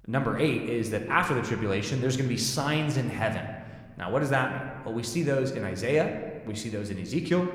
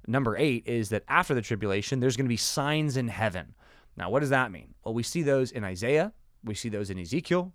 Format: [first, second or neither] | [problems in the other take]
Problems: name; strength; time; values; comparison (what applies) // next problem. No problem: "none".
second | room echo; slight; dies away in 1.1 s